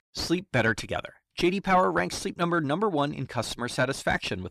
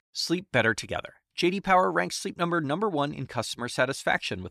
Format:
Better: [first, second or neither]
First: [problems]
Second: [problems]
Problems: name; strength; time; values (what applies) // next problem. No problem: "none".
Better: second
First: distortion; slight; 10 dB below the speech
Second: none